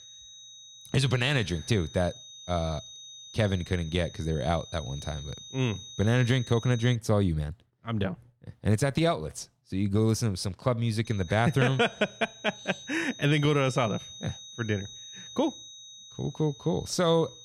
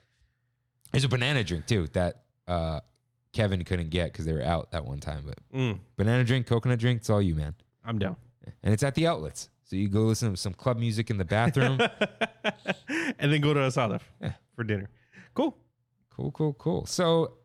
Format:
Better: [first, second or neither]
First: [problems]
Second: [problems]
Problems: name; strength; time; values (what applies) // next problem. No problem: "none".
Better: second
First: high-pitched whine; noticeable; until 7 s and from 11 s on; 3.5 kHz, 15 dB below the speech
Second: none